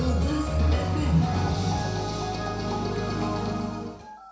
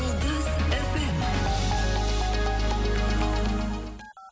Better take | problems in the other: second | room echo; dies away in 0.6 s

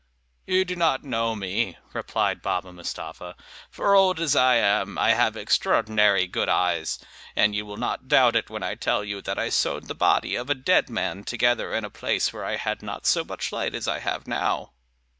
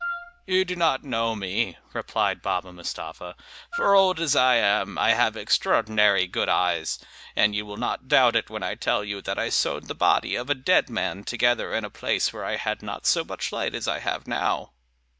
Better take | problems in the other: first | background sound (Wind instrument, woodwind instrument); 9 dB below the speech

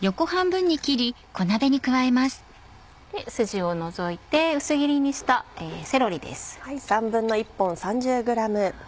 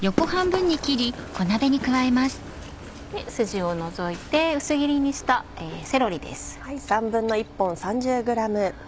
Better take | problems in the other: first | background sound (Run); 12 dB below the speech

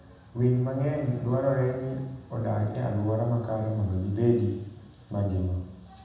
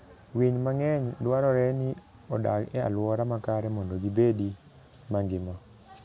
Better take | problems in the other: second | room echo; dies away in 1.1 s

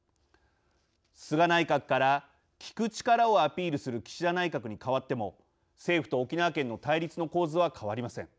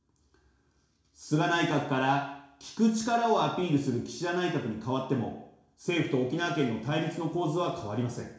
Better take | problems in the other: first | room echo; dies away in 0.7 s

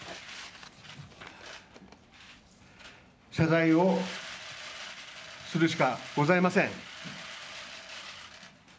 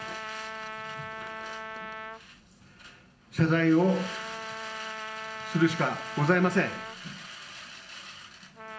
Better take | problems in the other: first | background sound (Trumpet); 10 dB below the speech // room echo; dies away in 0.8 s

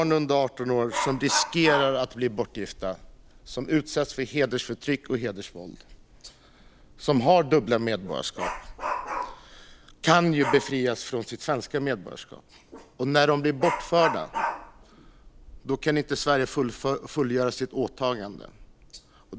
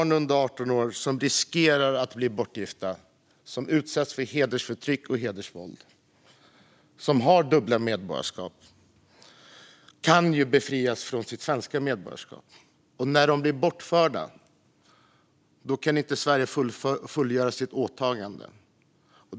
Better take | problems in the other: second | background sound (Dog); 11 dB below the speech

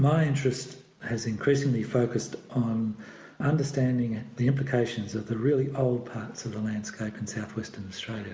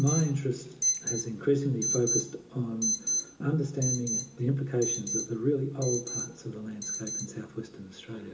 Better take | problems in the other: first | background sound (Alarm); 4 dB below the speech // room echo; dies away in 0.2 s

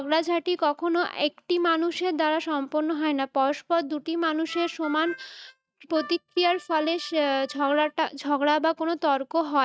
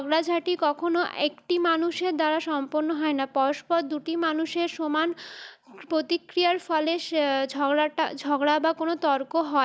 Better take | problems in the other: second | noise reduction (neural mask model RNNoise)

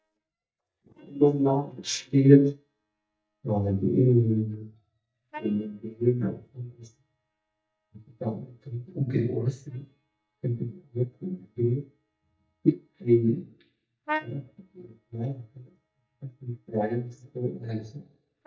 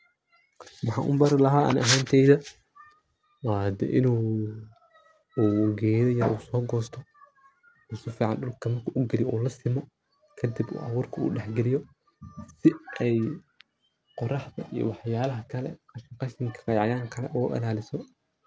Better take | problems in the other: second | noise reduction (neural mask model DeepFilterNet 3)

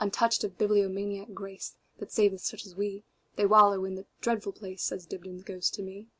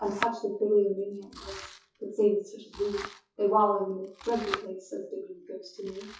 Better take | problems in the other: first | noise reduction (classical method WPE with log-MMSE)

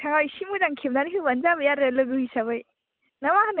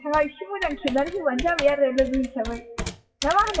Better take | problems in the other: first | noise reduction (classical method WPE with log-MMSE)

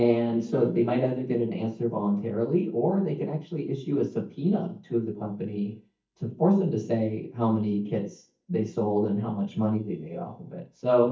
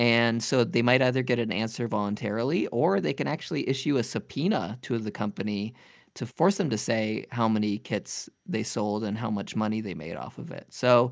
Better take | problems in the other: second | noise reduction (neural mask model DeepFilterNet 3)

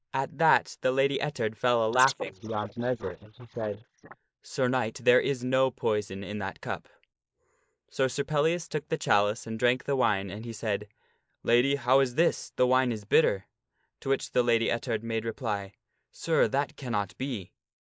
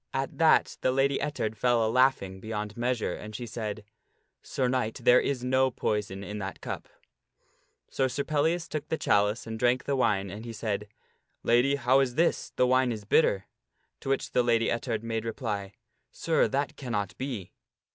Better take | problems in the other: second | noise reduction (neural mask model Resemble Enhance denoiser)

